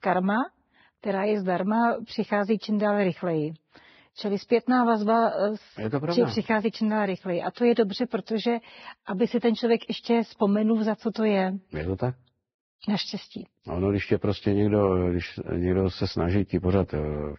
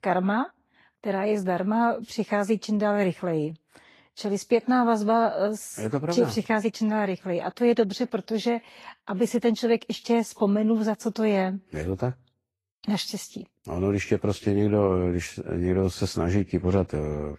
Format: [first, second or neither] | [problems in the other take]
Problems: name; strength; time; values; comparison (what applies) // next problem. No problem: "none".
second | garbled, watery; badly; nothing above 5.5 kHz; slightly in the second